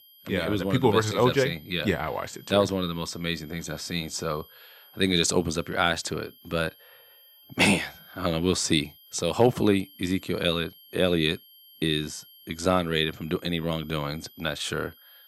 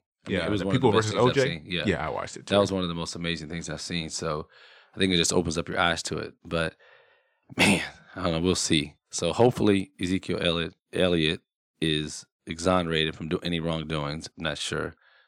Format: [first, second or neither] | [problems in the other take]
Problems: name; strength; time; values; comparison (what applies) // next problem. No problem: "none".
second | high-pitched whine; faint; throughout; 3 kHz, 25 dB below the speech